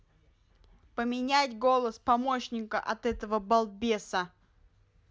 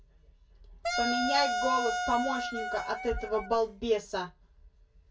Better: first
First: none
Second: background sound (Wind instrument, woodwind instrument); 1 dB below the speech // room echo; dies away in 0.2 s

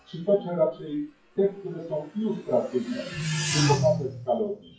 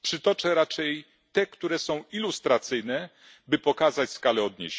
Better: second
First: noise reduction (classical method WPE with log-MMSE)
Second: none

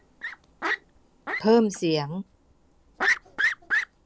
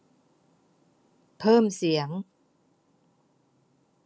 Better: second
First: background sound (Fowl); 2 dB below the speech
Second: none

